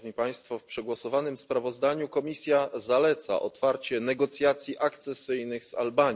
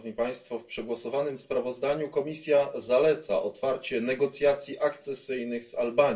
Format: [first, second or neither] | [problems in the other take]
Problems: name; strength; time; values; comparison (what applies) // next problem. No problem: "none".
first | room echo; dies away in 0.2 s